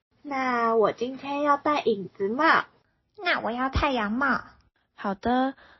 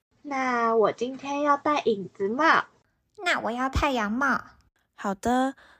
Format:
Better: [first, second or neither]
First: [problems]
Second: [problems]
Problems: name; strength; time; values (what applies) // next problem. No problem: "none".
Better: second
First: garbled, watery; slightly; nothing above 5.5 kHz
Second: none